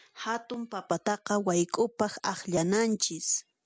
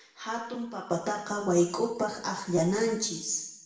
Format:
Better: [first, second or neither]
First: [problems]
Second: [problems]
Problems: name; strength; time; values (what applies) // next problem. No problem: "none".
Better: first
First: none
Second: room echo; dies away in 0.8 s